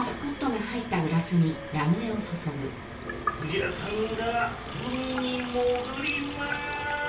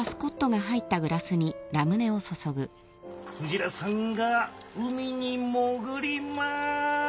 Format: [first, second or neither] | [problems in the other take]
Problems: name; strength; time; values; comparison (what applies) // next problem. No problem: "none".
second | background sound (Sink (filling or washing) / Water tap, faucet); 8 dB below the speech // room echo; dies away in 0.3 s